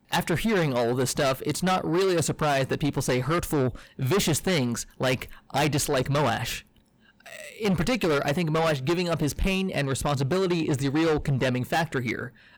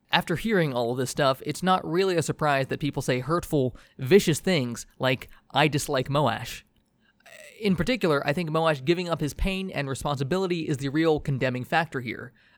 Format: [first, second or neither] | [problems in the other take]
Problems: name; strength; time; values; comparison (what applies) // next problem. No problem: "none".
second | distortion; heavy; 6 dB below the speech